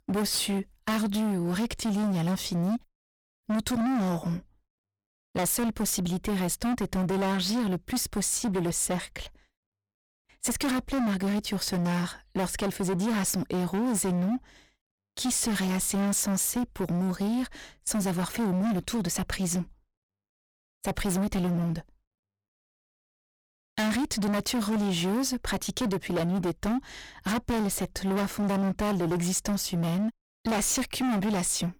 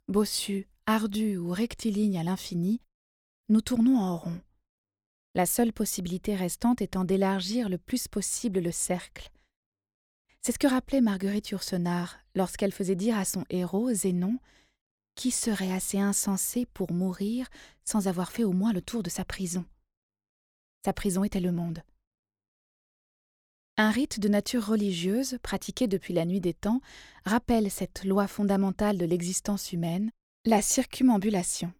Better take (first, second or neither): second